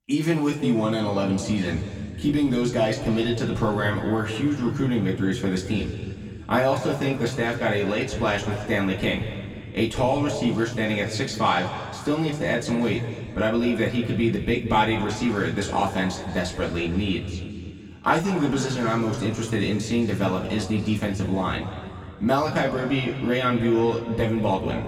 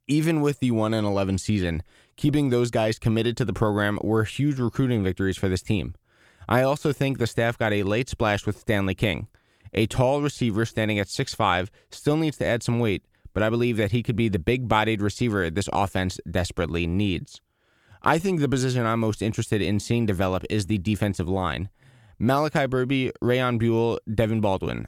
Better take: second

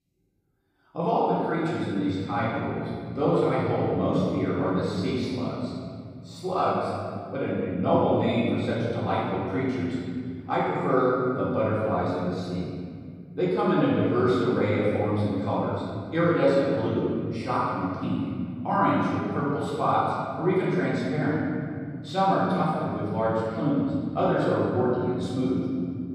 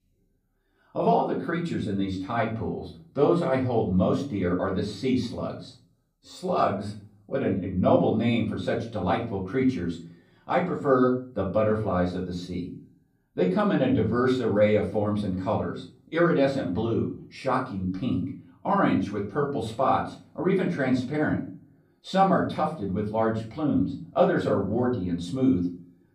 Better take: second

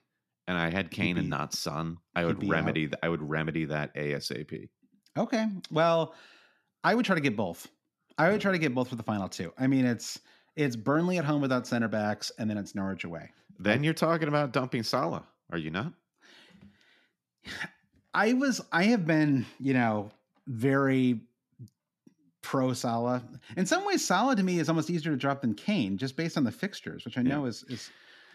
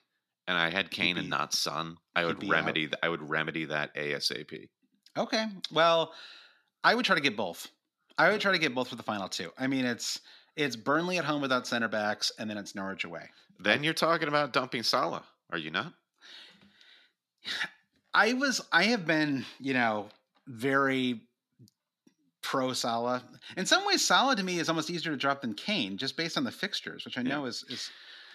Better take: first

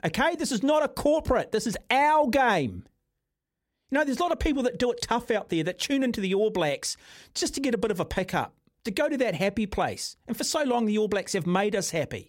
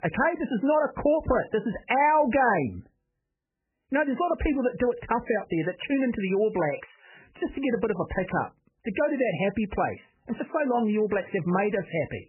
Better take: first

